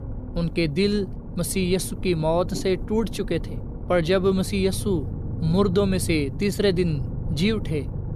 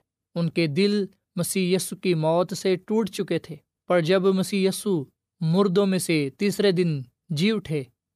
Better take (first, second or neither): second